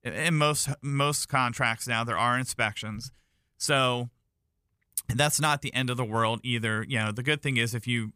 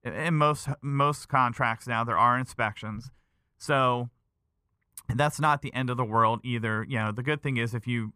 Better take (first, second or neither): first